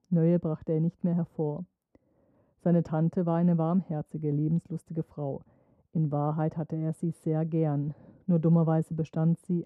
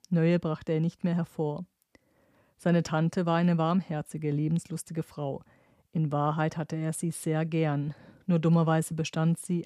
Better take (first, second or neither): second